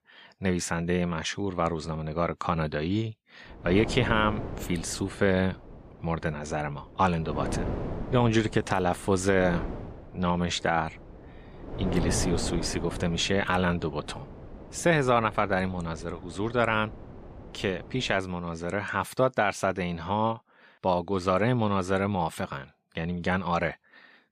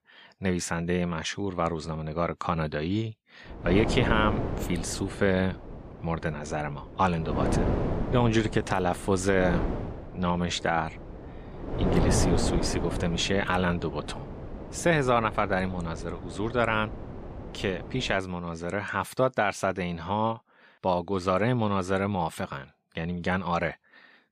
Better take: first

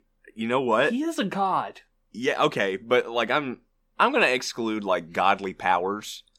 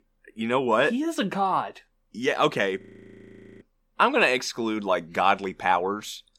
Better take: first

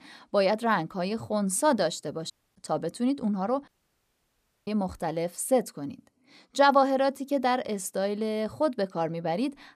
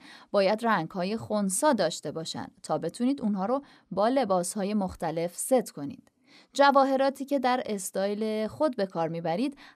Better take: second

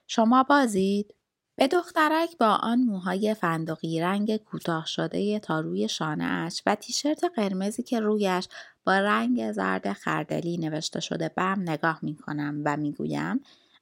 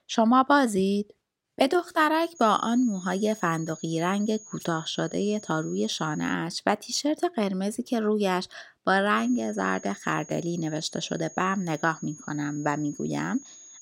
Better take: first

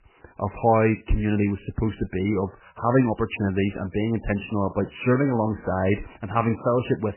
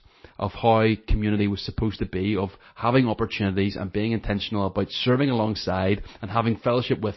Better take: second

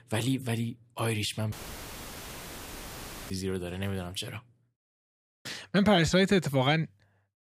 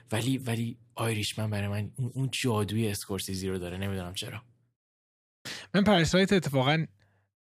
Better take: second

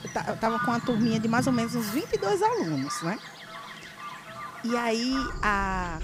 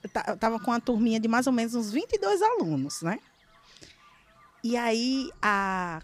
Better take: second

